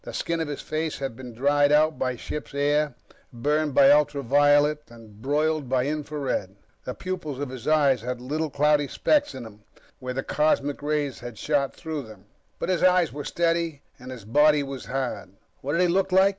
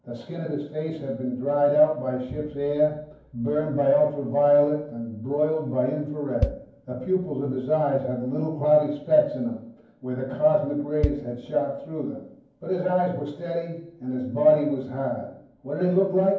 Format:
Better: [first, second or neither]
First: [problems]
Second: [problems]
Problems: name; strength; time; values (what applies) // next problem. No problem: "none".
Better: first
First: none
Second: background sound (Bass drum); 9 dB below the speech // room echo; dies away in 0.9 s